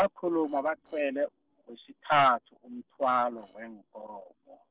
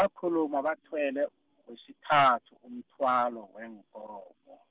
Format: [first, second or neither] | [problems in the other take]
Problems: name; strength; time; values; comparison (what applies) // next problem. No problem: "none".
second | noise reduction (neural separator model SepFormer DNS4)